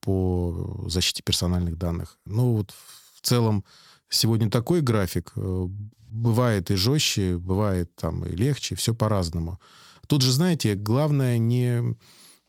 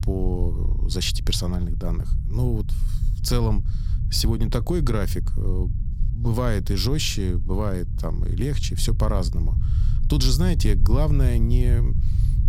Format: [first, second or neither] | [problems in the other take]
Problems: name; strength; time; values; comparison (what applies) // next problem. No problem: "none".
first | low rumble; noticeable; throughout; 15 dB below the speech